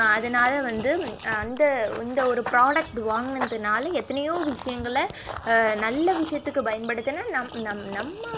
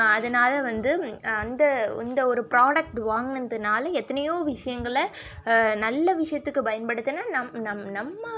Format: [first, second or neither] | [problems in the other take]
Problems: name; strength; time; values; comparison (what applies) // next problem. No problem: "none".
second | background sound (Run / Bird vocalization, bird call, bird song); 14 dB below the speech